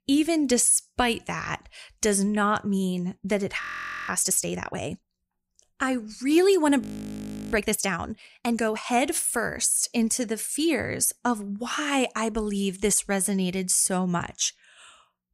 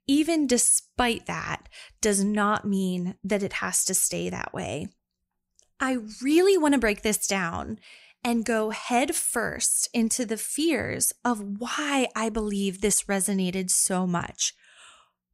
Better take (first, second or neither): second